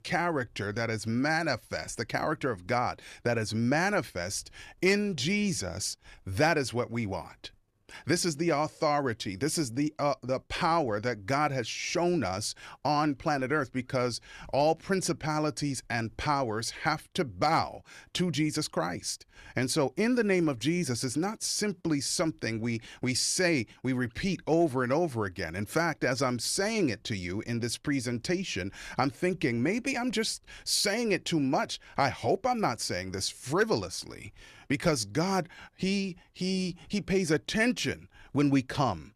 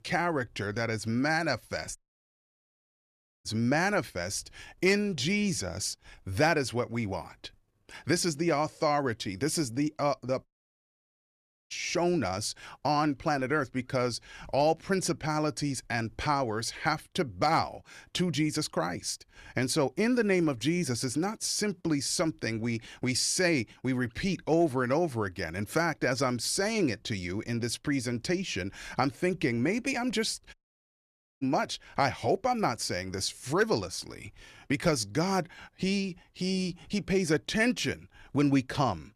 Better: first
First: none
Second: audio cutting out; at 2 s for 1.5 s, at 10 s for 1 s and at 31 s for 1 s

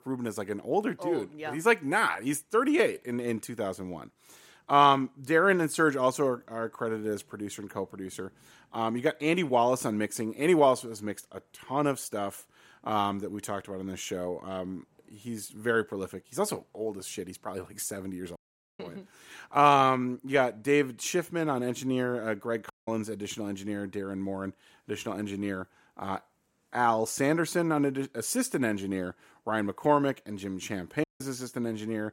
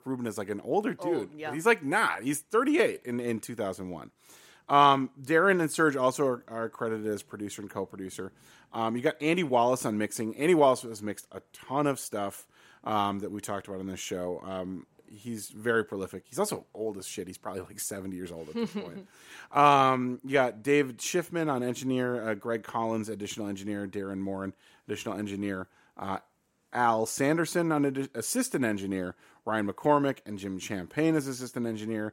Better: second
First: audio cutting out; at 18 s, at 23 s and at 31 s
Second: none

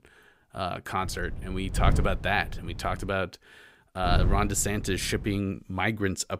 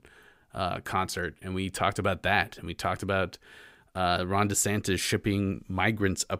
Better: second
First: wind noise on the microphone; occasional gusts; from 1 to 3 s and from 4 to 5.5 s; 15 dB below the speech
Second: none

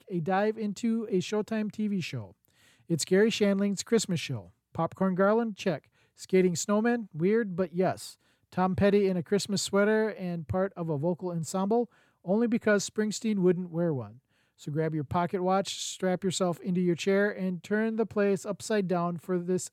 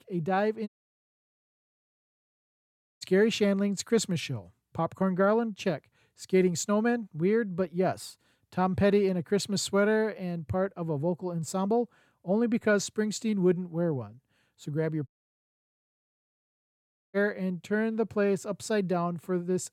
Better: first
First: none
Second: audio cutting out; at 0.5 s for 2.5 s and at 15 s for 2 s

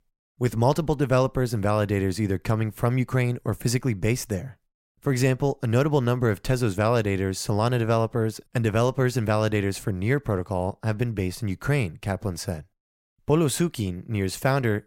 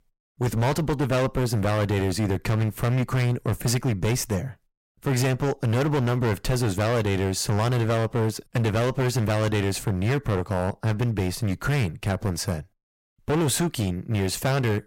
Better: first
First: none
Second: distortion; heavy; 19% of the sound clipped

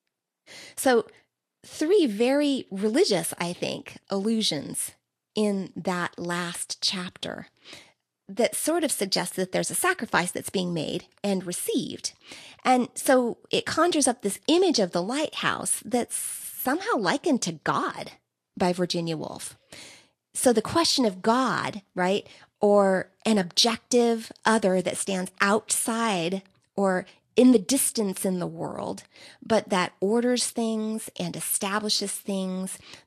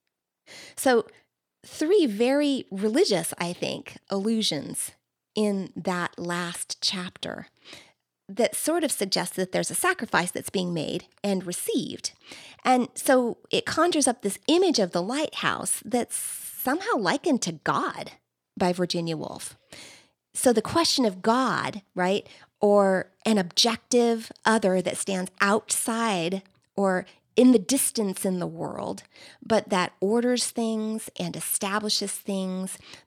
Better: second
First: garbled, watery; slightly; nothing above 12 kHz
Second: none

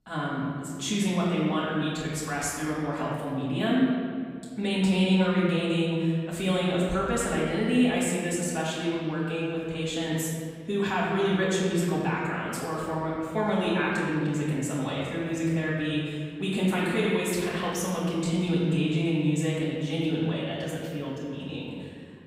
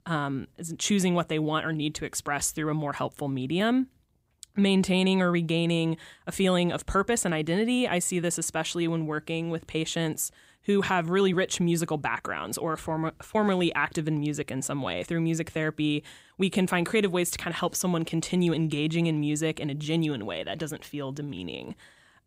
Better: second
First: off-mic speech; far // room echo; noticeable; dies away in 1.9 s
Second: none

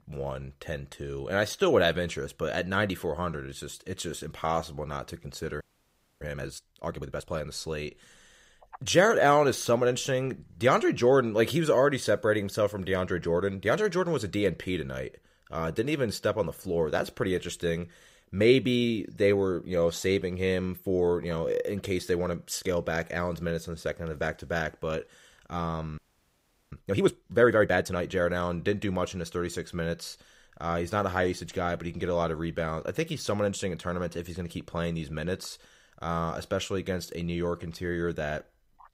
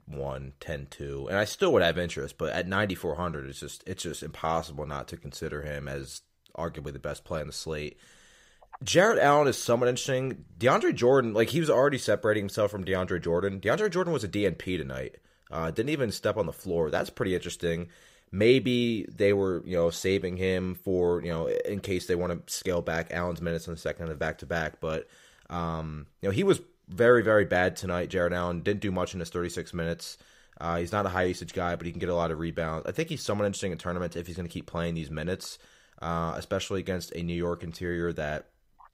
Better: second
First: audio freezing; at 5.5 s for 0.5 s and at 26 s for 0.5 s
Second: none

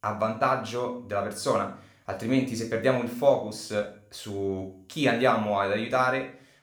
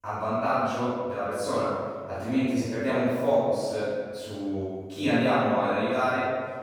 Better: first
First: room echo; slight; dies away in 0.4 s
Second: room echo; strong; dies away in 1.8 s // off-mic speech; far

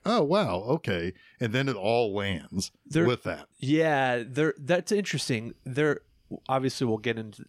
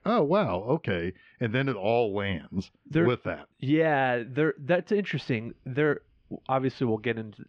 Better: first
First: none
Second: muffled; slightly; fading above 3 kHz

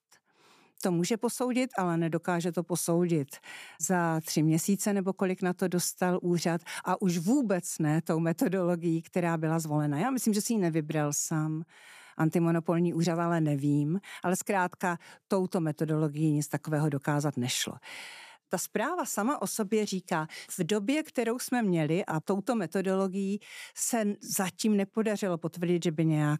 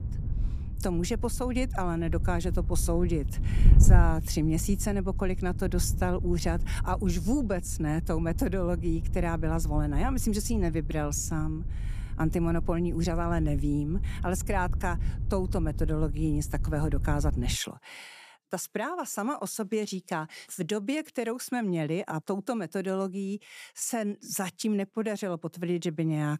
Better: first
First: none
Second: wind noise on the microphone; occasional gusts; until 18 s; 15 dB below the speech

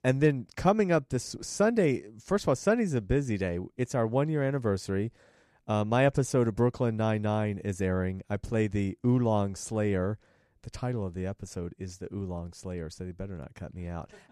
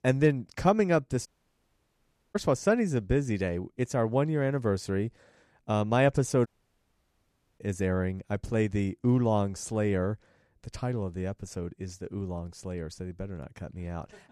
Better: first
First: none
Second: audio cutting out; at 1.5 s for 1 s and at 6.5 s for 1 s

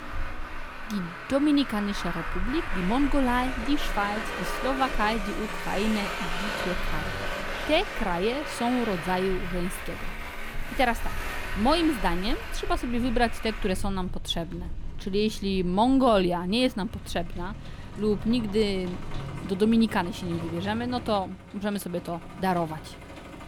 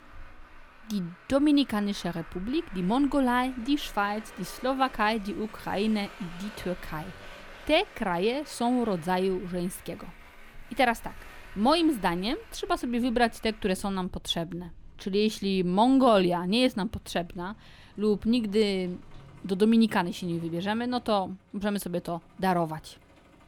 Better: second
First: traffic noise; loud; throughout; 8 dB below the speech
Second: traffic noise; faint; throughout; 20 dB below the speech

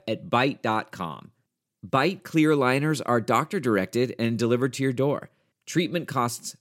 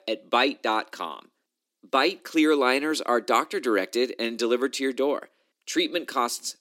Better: first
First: none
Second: thin; very slightly; fading below 250 Hz

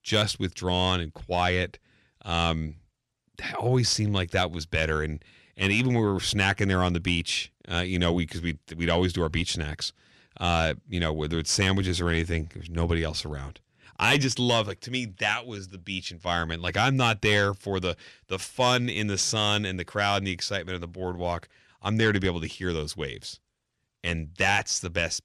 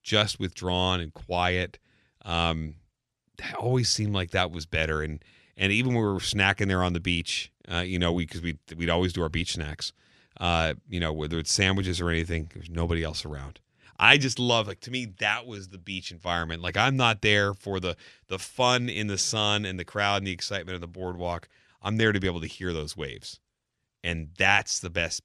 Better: second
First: distortion; slight; 10 dB below the speech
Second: none

